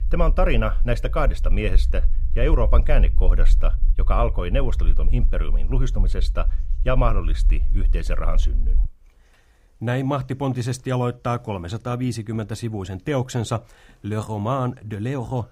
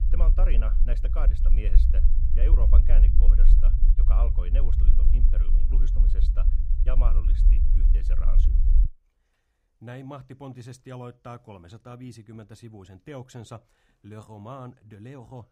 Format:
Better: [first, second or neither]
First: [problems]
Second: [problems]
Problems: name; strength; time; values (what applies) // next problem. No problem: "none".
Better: first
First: low rumble; faint; until 9 s; 20 dB below the speech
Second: low rumble; loud; until 9 s; 4 dB below the speech